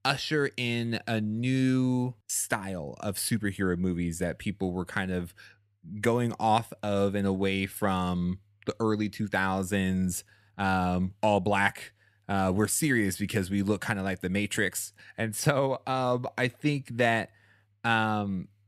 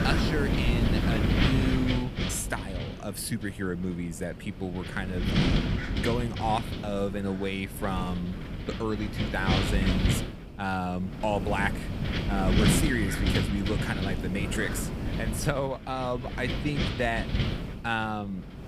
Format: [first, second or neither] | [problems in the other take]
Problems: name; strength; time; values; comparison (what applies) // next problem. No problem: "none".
first | wind noise on the microphone; heavy; 1 dB below the speech